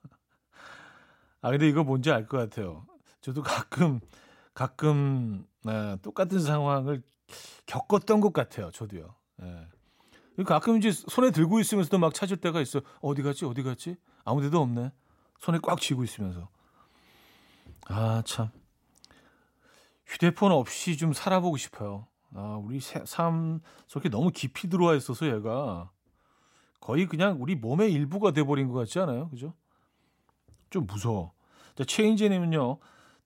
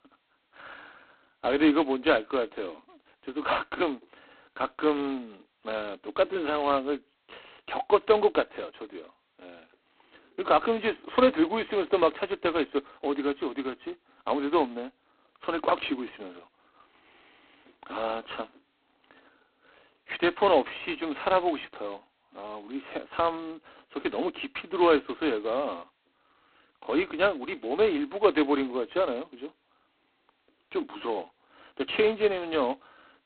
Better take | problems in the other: first | phone-call audio; poor line; nothing above 4 kHz

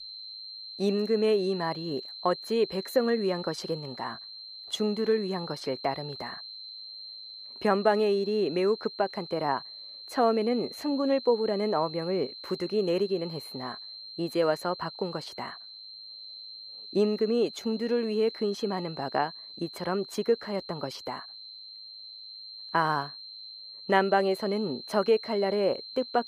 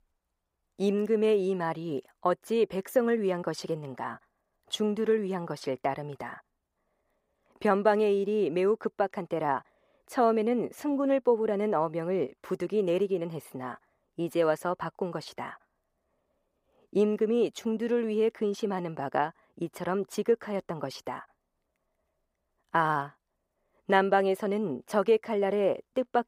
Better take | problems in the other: second | high-pitched whine; noticeable; throughout; 4 kHz, 10 dB below the speech

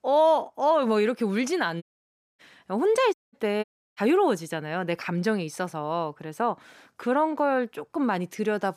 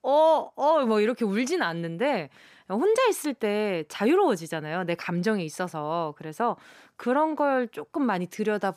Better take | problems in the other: second | audio cutting out; at 2 s for 0.5 s, at 3 s and at 3.5 s

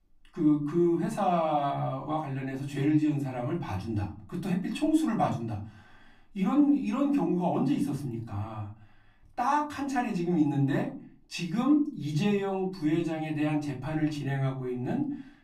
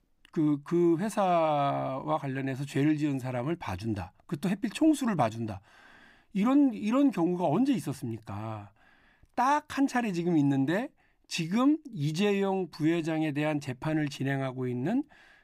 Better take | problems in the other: second | off-mic speech; far // room echo; very slight; dies away in 0.4 s

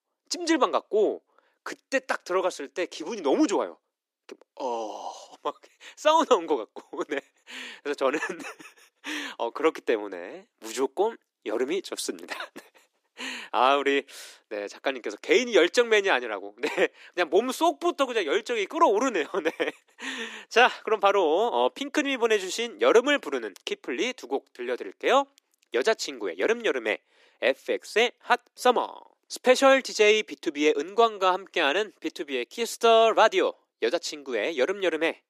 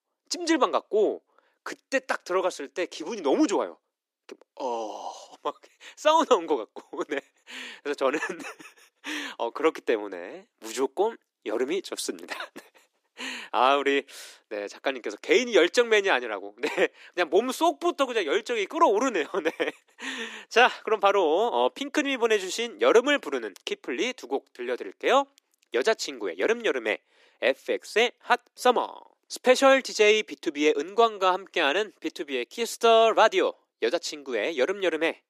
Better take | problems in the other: neither | thin; somewhat; fading below 300 Hz; the same in both

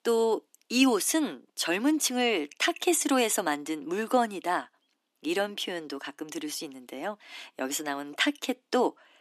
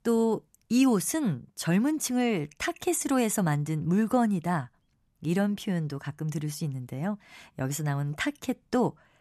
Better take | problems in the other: second | thin; somewhat; fading below 300 Hz

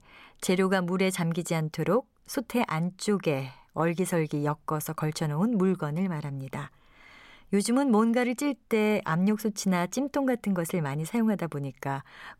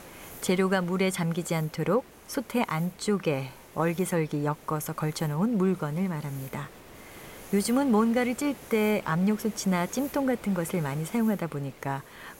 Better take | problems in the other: first | hiss; noticeable; throughout; 20 dB below the speech

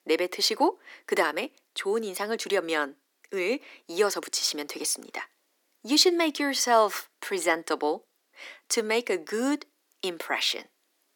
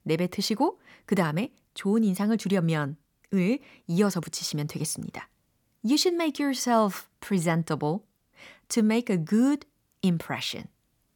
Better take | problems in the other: second | thin; somewhat; fading below 300 Hz

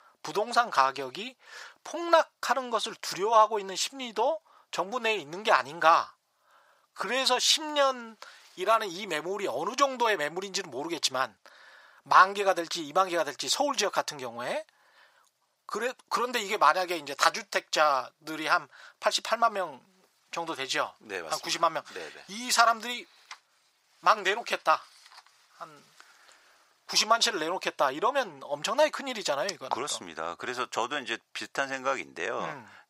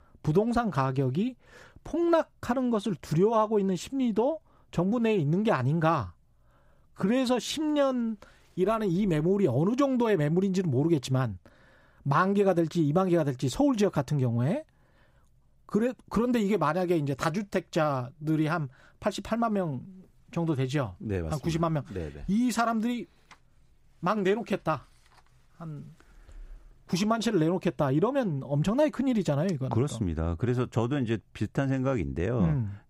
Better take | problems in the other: second | thin; very; fading below 950 Hz

